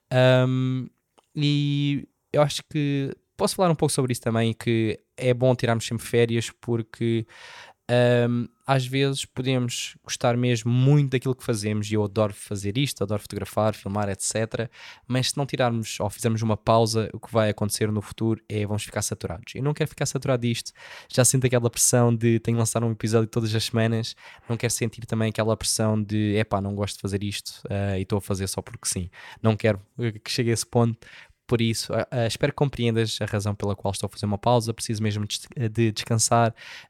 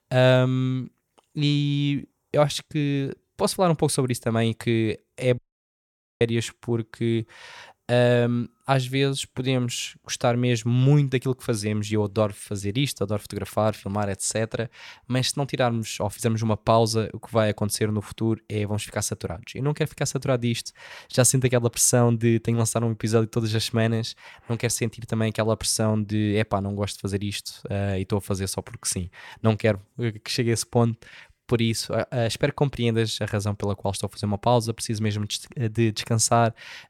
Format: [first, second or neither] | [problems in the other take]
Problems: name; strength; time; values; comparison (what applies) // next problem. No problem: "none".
first | audio cutting out; at 5.5 s for 1 s